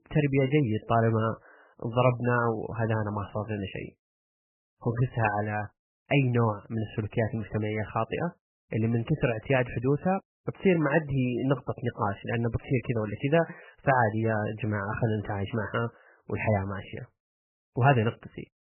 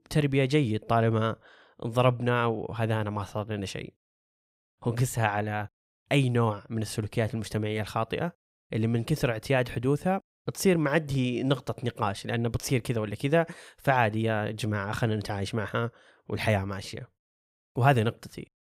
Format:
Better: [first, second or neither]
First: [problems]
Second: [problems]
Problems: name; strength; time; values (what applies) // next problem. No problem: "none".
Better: second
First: garbled, watery; badly; nothing above 3 kHz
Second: none